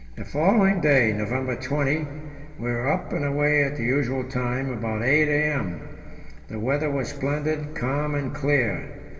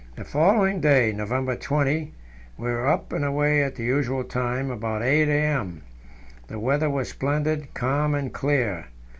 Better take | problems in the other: second | room echo; dies away in 2.1 s

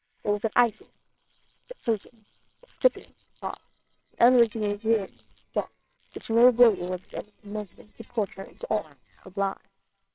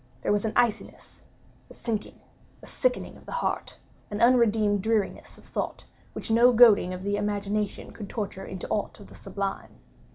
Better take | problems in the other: second | noise reduction (neural separator model SepFormer WHAMR!)

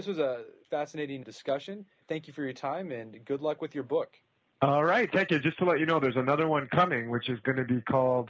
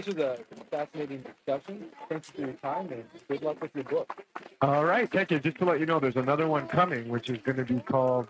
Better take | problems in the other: first | noise reduction (neural mask model RNNoise)

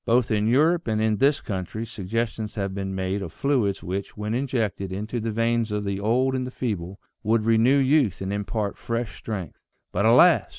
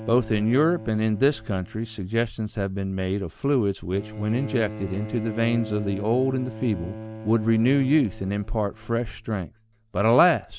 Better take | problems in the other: first | background sound (Bowed string instrument); 14 dB below the speech

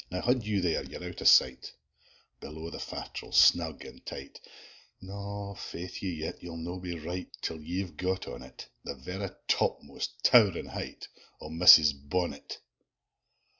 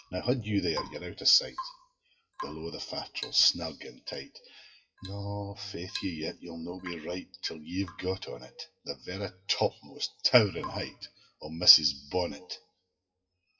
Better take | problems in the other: first | noise reduction (classical method WPE with log-MMSE)

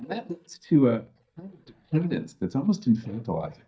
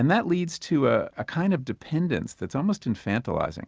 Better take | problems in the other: second | noise reduction (neural mask model DeepFilterNet 3)

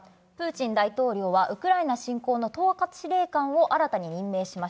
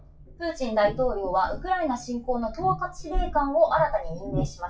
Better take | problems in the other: first | noise reduction (classical method WPE with log-MMSE)

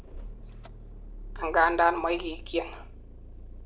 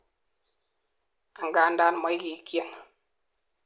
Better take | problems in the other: second | background sound (Idling / Engine starting / Door / Car); 12 dB below the speech

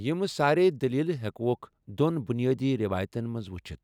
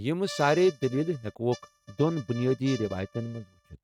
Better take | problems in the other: first | noise reduction (neural mask model RNNoise)

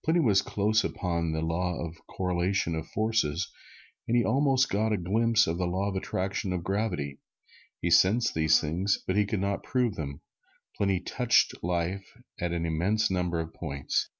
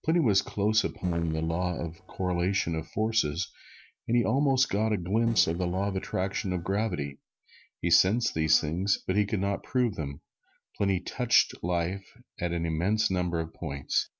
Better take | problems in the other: first | noise reduction (neural separator model SepFormer DNS4)

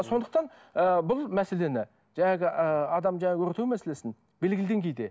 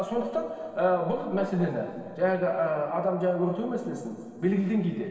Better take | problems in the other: first | room echo; dies away in 2.5 s

